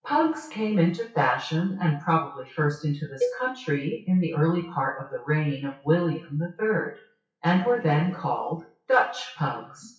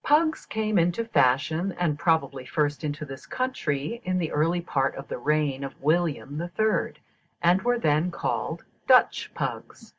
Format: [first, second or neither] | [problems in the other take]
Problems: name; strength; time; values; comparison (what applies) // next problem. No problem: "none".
second | noise reduction (classical method WPE with log-MMSE)